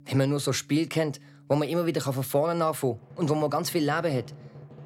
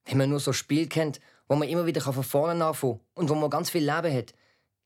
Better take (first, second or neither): second